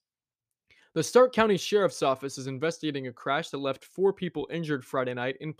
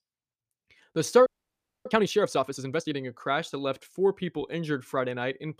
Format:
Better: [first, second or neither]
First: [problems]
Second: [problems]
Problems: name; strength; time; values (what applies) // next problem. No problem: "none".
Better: first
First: none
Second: audio freezing; at 1.5 s for 0.5 s